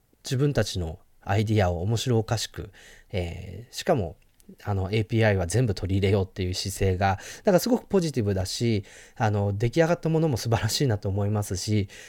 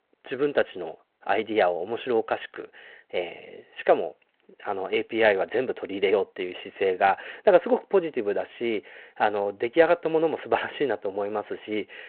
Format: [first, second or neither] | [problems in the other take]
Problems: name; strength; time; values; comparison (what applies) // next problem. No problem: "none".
first | phone-call audio